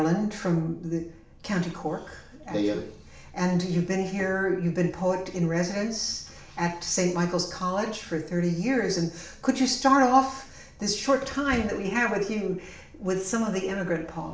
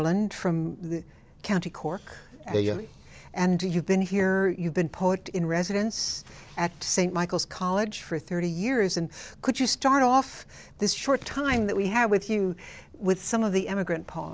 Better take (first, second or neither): second